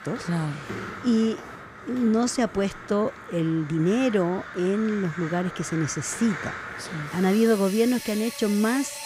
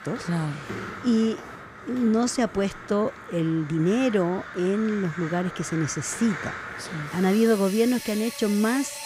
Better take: neither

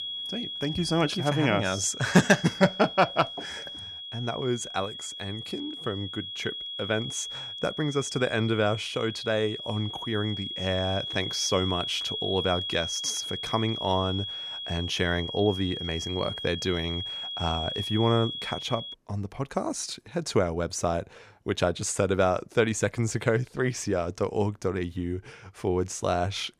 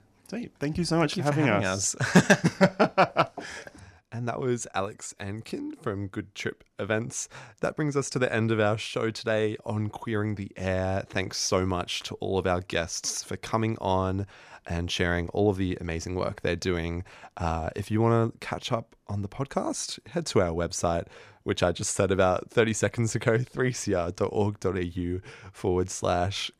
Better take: second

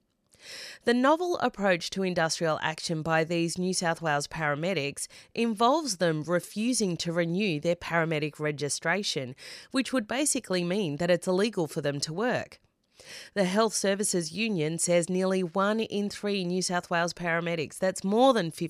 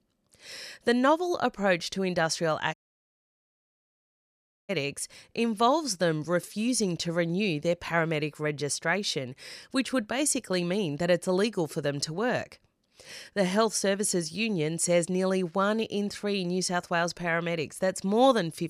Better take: first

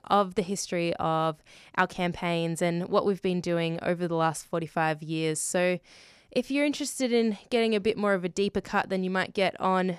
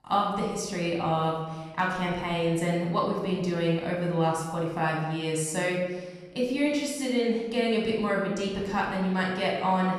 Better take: first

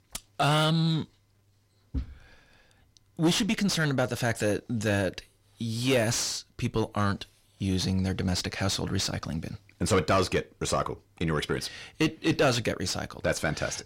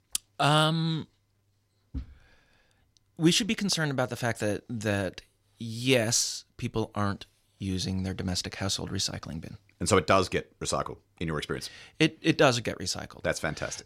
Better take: second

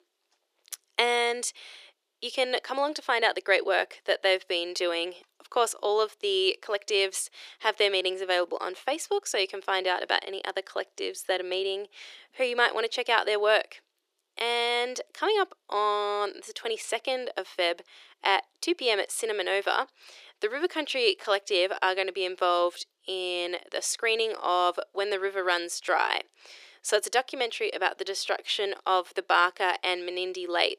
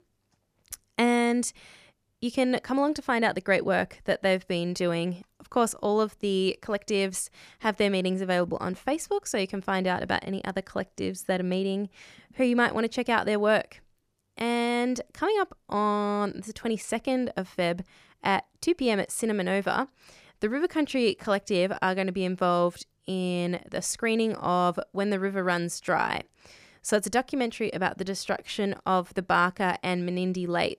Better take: second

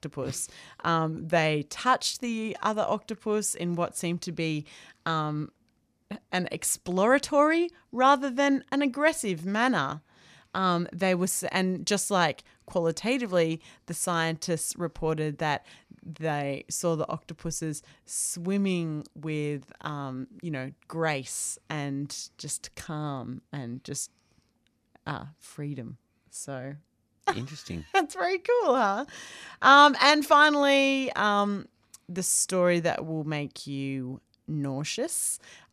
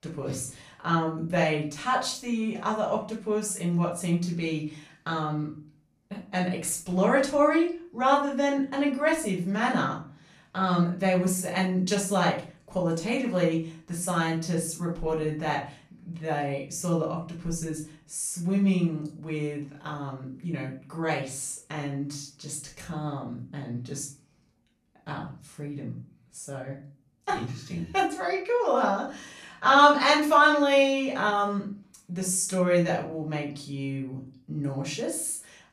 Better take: first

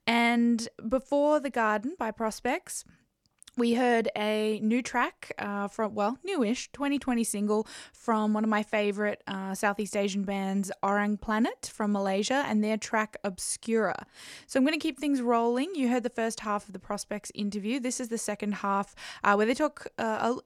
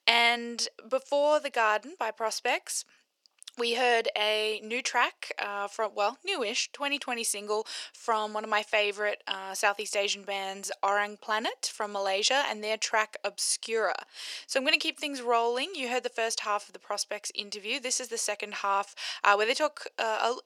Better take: first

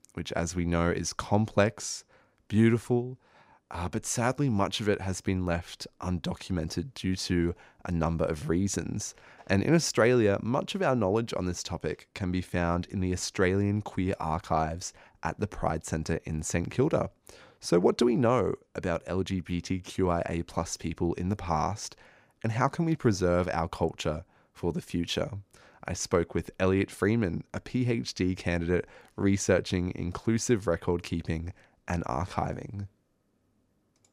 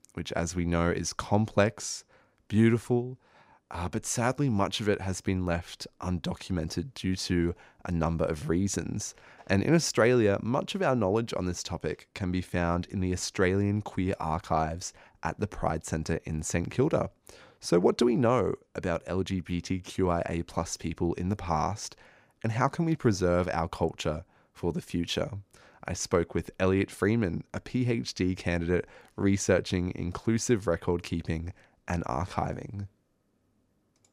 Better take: neither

